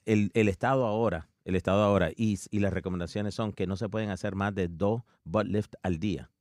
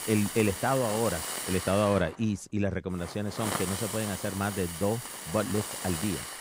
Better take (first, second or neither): first